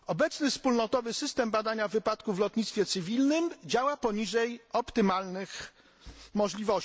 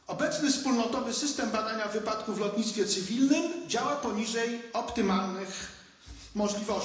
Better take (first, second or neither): first